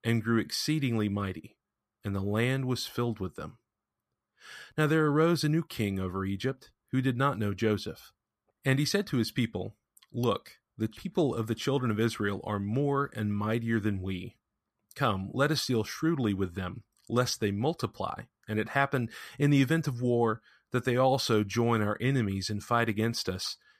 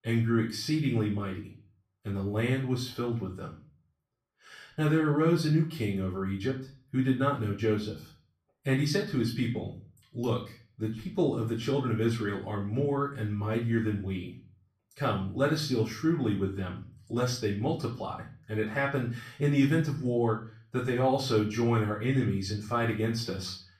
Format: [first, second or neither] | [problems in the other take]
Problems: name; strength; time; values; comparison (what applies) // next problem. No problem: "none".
first | off-mic speech; far // room echo; slight; dies away in 0.4 s